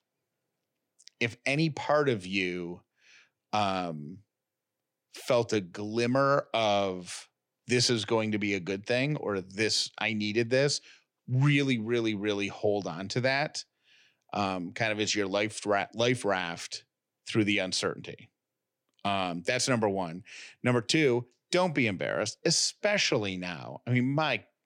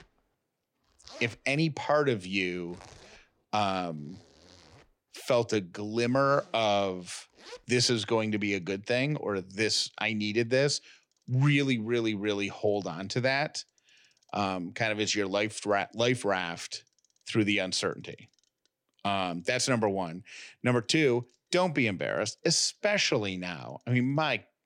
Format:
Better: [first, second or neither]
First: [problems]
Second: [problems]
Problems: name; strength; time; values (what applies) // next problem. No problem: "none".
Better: first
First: none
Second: household noises; faint; throughout; 30 dB below the speech